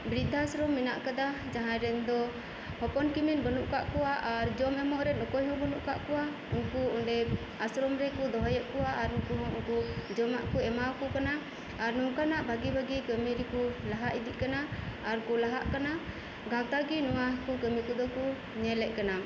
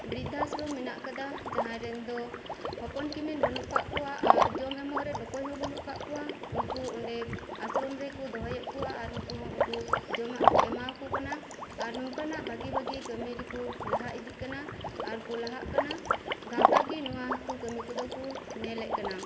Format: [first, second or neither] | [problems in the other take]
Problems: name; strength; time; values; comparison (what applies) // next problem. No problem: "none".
first | background sound (Liquid); 4 dB above the speech